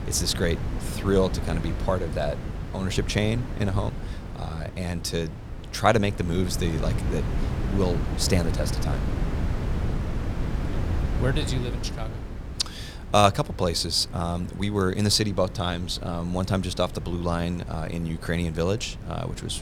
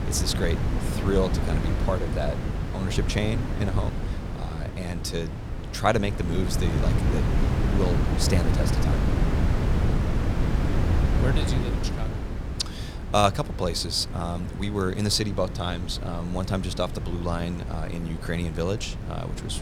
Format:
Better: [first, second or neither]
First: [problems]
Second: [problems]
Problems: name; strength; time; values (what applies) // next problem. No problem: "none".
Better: first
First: wind noise on the microphone; occasional gusts; 10 dB below the speech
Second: wind noise on the microphone; heavy; 6 dB below the speech